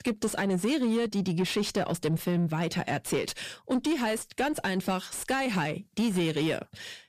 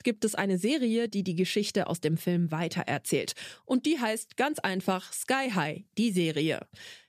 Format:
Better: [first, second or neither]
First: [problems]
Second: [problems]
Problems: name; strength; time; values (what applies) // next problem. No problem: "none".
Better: second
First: distortion; slight; 10 dB below the speech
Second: none